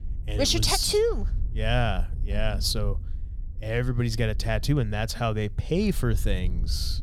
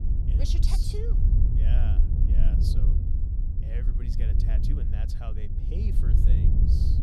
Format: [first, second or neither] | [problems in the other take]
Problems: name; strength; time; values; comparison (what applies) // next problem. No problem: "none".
first | wind noise on the microphone; heavy; 1 dB above the speech; occasional gusts in the first